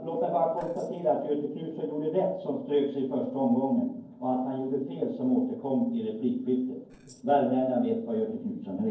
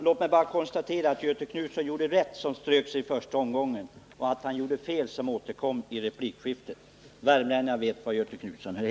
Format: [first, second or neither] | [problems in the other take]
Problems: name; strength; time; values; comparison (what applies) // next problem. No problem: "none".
second | noise reduction (neural separator model SepFormer DNS4)